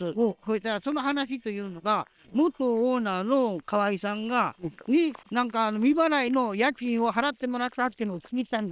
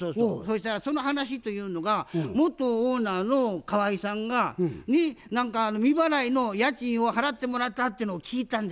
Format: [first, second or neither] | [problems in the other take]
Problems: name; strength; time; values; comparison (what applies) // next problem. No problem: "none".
second | noise reduction (neural separator model SepFormer WHAM!)